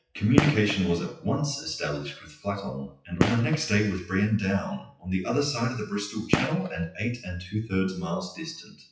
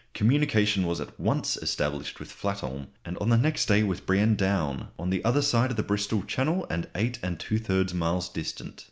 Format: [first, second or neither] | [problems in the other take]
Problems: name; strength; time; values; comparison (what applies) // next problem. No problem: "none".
second | noise reduction (classical method WPE with log-MMSE)